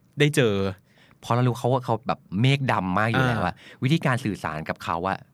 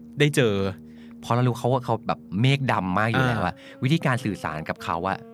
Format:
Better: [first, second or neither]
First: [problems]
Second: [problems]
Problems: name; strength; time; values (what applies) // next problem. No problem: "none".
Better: first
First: none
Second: background music; faint; throughout; 20 dB below the speech